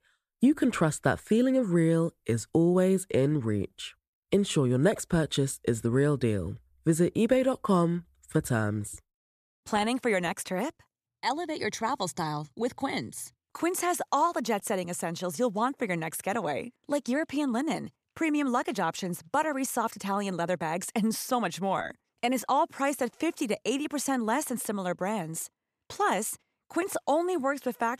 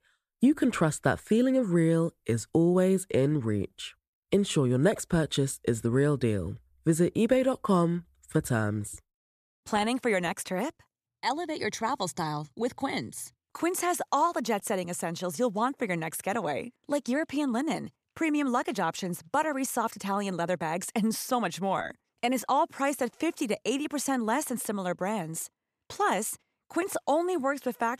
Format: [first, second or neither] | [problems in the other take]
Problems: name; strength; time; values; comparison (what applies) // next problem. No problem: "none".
neither | none